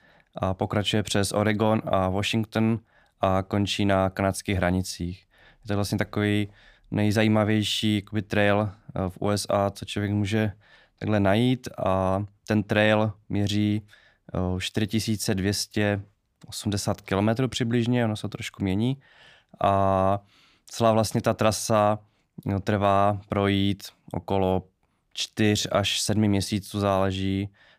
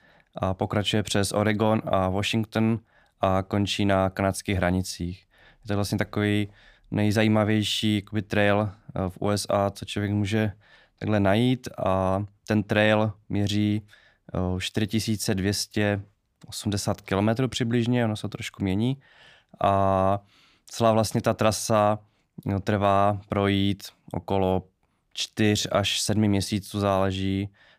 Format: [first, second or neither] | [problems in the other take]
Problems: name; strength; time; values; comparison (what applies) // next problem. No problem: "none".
neither | none